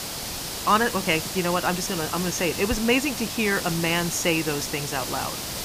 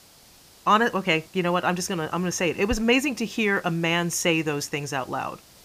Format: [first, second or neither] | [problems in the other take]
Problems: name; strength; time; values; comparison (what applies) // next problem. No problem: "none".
second | hiss; loud; throughout; 5 dB below the speech; faint in the second